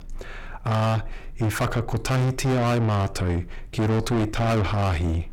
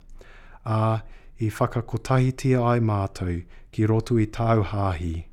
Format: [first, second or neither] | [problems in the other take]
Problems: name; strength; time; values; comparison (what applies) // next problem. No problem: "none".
second | distortion; heavy; 6 dB below the speech